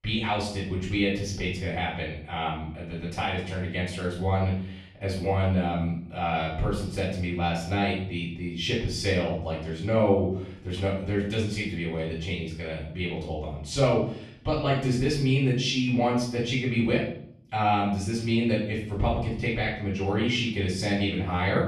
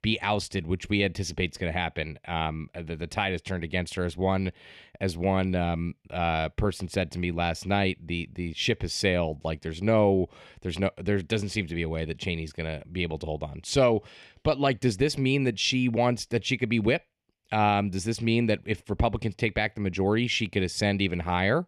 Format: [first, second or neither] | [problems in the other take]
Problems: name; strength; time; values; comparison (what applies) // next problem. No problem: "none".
second | off-mic speech; far // room echo; noticeable; dies away in 0.5 s